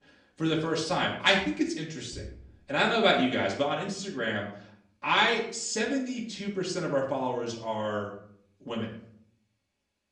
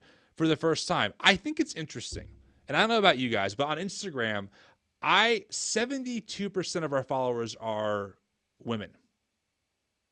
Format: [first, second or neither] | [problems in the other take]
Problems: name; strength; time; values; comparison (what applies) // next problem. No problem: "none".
second | off-mic speech; far // room echo; slight; dies away in 0.5 s